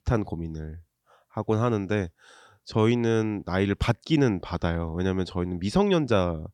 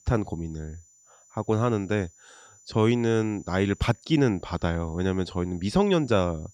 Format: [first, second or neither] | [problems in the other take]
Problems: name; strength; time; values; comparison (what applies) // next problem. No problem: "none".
first | high-pitched whine; faint; throughout; 7 kHz, 25 dB below the speech